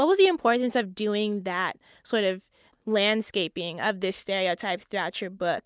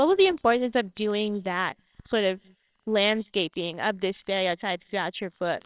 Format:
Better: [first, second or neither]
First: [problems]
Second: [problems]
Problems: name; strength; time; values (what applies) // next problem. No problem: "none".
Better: first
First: none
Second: noise reduction (neural separator model SepFormer WHAMR!)